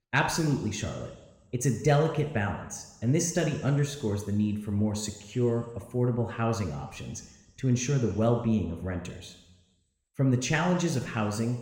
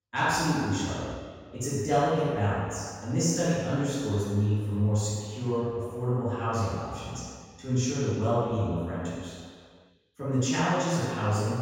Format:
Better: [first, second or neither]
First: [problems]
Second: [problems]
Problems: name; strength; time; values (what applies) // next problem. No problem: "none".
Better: first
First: room echo; slight; dies away in 1 s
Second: room echo; strong; dies away in 1.8 s // off-mic speech; far